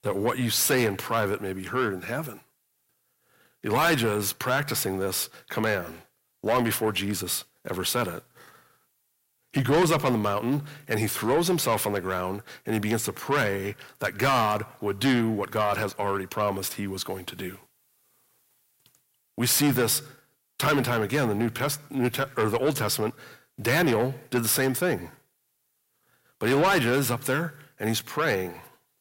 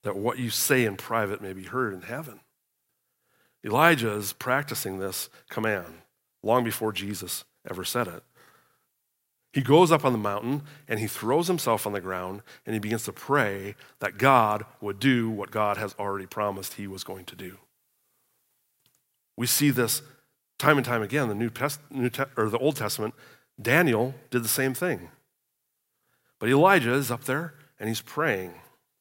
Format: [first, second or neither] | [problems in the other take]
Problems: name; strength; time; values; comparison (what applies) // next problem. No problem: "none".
second | distortion; heavy; 6 dB below the speech